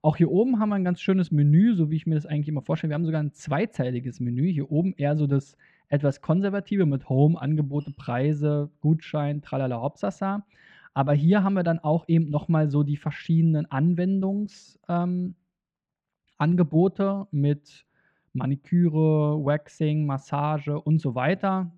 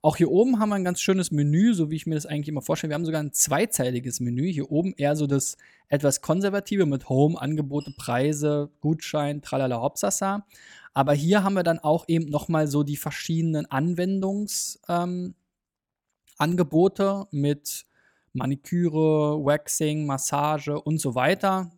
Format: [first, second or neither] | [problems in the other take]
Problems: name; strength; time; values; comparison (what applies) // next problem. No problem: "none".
second | muffled; very; fading above 3 kHz